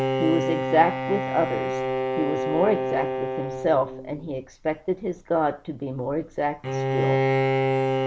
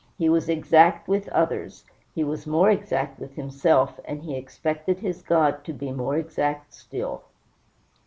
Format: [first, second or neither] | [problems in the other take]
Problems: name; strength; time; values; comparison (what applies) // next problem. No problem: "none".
second | background sound (Bowed string instrument); as loud as the speech